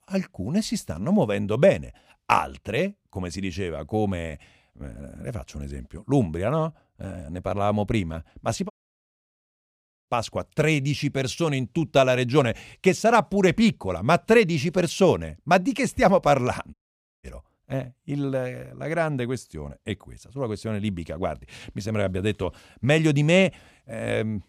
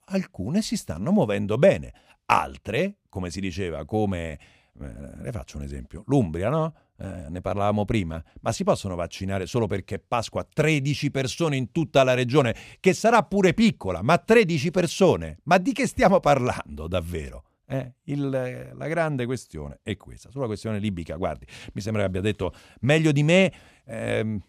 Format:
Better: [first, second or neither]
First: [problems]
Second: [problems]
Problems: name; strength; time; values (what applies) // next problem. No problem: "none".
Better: second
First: audio cutting out; at 8.5 s for 1.5 s and at 17 s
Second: none